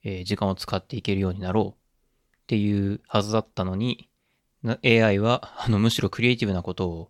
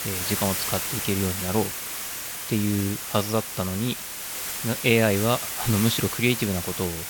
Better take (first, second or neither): first